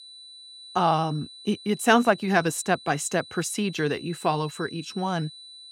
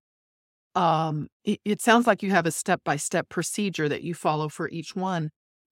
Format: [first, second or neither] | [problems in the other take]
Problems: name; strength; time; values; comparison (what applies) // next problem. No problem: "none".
second | high-pitched whine; noticeable; throughout; 4 kHz, 15 dB below the speech